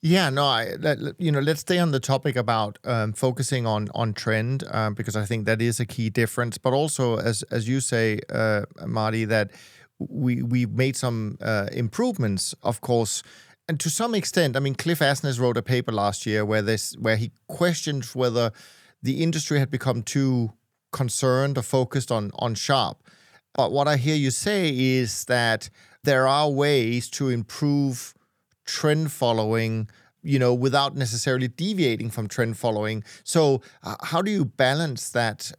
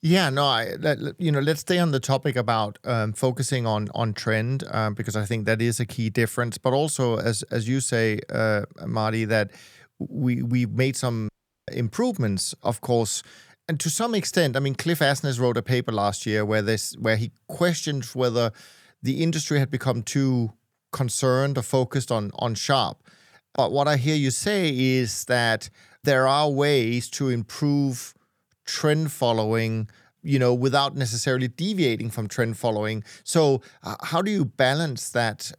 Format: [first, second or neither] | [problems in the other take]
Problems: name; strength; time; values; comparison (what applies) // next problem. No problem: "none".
first | audio cutting out; at 11 s